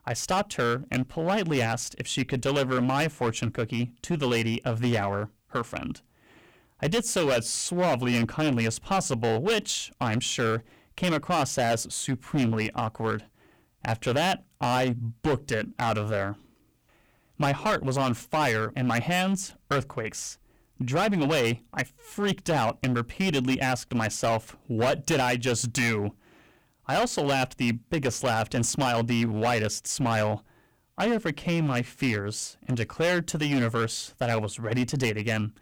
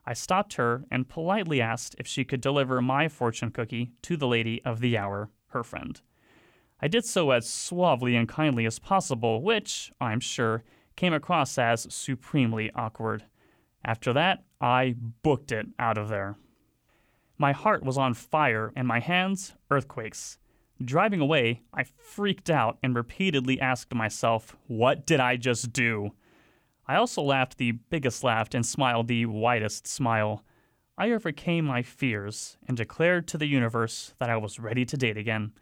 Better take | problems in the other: second | distortion; heavy; 11% of the sound clipped

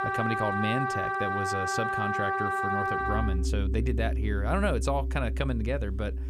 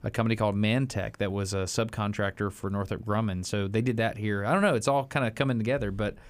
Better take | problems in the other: second | background music; very loud; throughout; 3 dB above the speech

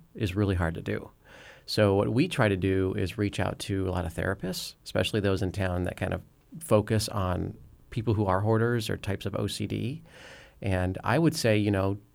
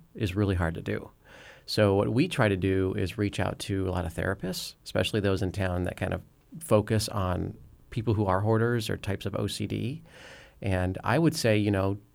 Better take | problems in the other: neither | none

